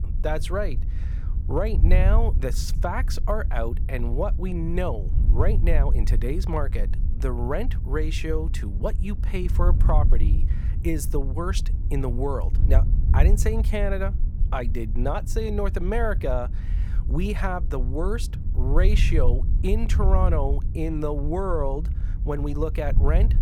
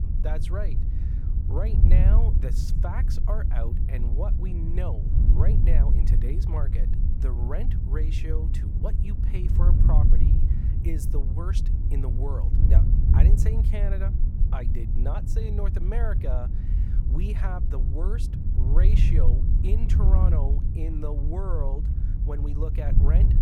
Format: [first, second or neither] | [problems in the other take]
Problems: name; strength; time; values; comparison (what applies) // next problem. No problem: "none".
first | wind noise on the microphone; heavy; 2 dB below the speech; occasional gusts in the first